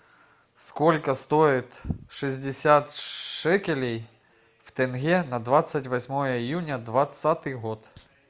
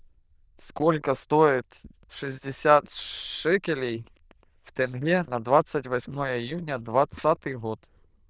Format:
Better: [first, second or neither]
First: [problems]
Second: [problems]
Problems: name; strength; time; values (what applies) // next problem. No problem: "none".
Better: first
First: none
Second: noise reduction (neural diffusion model UNIVERSE++)